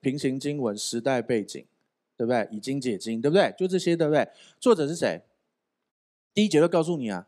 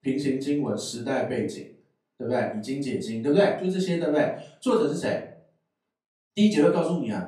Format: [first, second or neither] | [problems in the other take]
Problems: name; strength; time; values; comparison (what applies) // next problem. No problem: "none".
first | off-mic speech; far // room echo; slight; dies away in 0.4 s